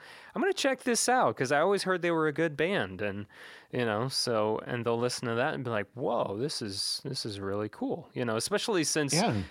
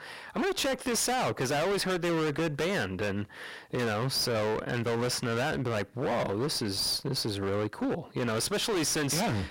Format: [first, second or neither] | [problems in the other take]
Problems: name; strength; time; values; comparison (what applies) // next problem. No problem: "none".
first | distortion; heavy; 34% of the sound clipped